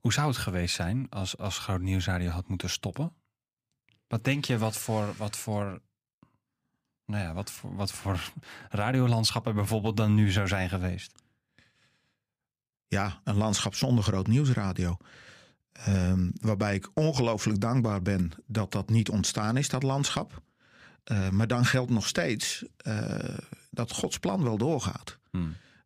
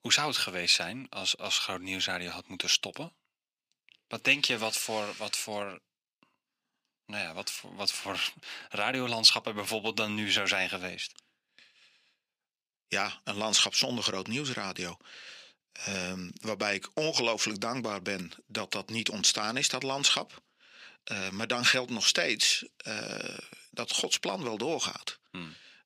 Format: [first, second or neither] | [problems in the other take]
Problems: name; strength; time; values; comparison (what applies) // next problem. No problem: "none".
first | thin; somewhat; fading below 350 Hz